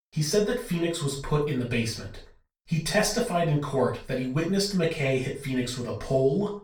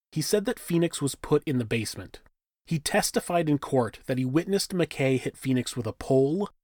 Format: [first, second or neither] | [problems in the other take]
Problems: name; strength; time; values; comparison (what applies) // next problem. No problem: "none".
second | room echo; noticeable; dies away in 0.3 s // off-mic speech; far